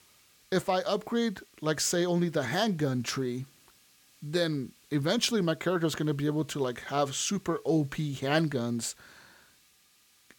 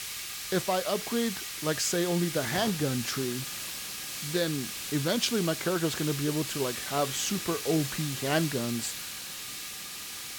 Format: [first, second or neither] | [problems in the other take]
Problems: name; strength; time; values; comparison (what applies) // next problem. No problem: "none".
first | hiss; loud; throughout; 4 dB below the speech; faint in the first